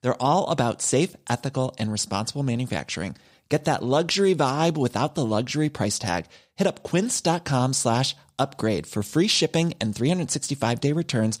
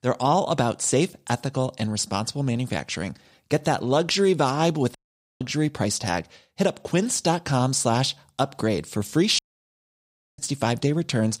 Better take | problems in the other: first | audio cutting out; at 5 s and at 9.5 s for 1 s

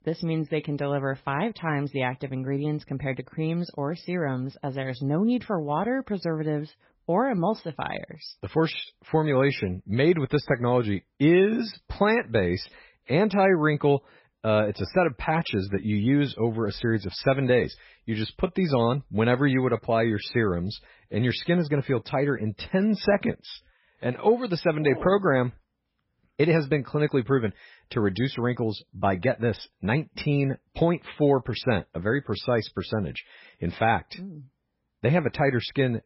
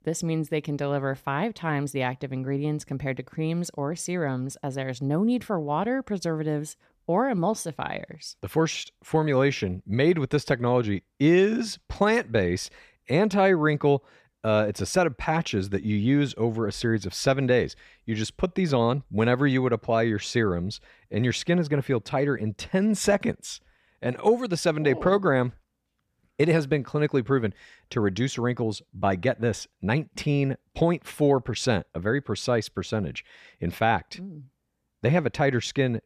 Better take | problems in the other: second | garbled, watery; badly; nothing above 5.5 kHz

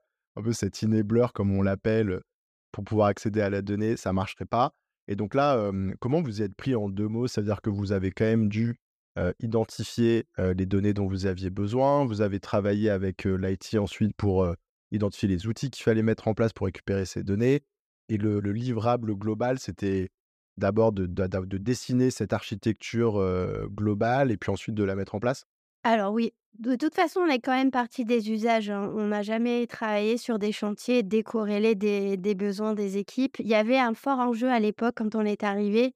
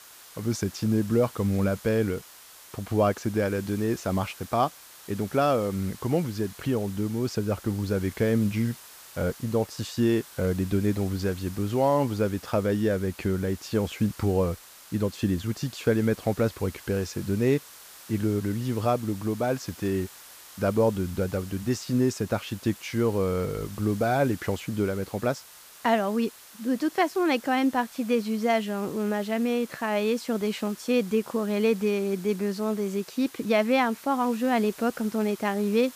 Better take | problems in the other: first | hiss; noticeable; throughout; 20 dB below the speech

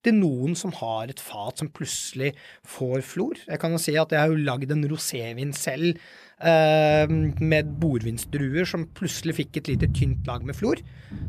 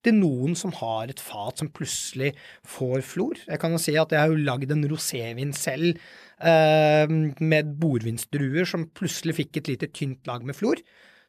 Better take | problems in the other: second | footsteps; loud; from 7 s on; peak 1 dB above the speech

